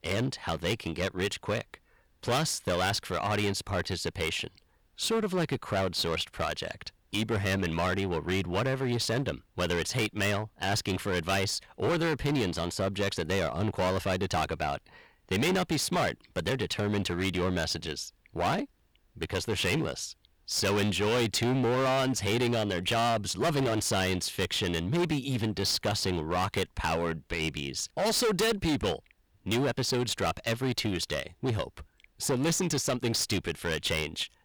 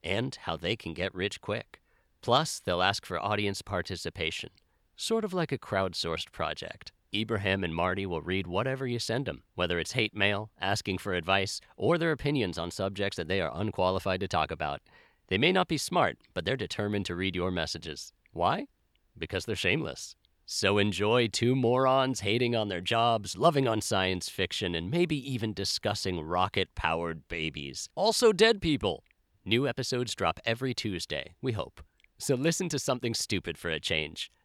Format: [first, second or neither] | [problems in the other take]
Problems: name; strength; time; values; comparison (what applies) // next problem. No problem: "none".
second | distortion; heavy; 15% of the sound clipped